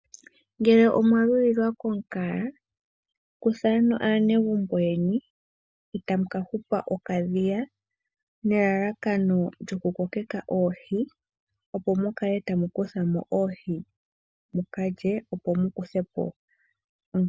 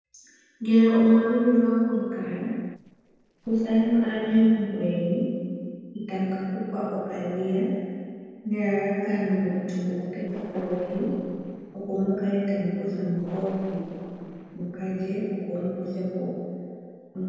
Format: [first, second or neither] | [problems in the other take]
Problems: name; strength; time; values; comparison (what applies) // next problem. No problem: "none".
first | noise reduction (neural separator model SepFormer DNS4)